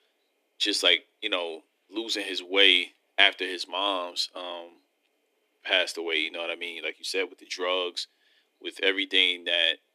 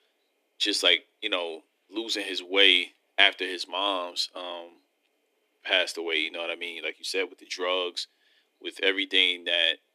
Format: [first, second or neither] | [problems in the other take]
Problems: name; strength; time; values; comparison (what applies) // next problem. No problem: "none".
neither | thin; somewhat; fading below 300 Hz; the same in both